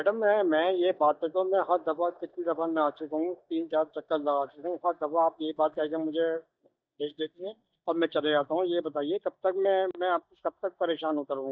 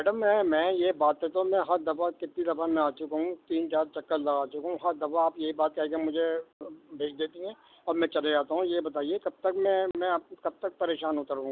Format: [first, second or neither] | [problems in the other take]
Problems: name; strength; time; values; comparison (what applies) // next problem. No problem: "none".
second | noise reduction (neural mask model DeepFilterNet 3)